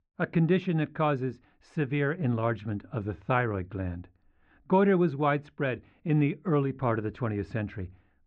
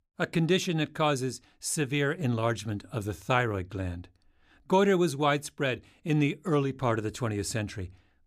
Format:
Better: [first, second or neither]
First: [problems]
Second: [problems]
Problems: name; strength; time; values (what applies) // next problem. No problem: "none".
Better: second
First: muffled; very; fading above 2 kHz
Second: none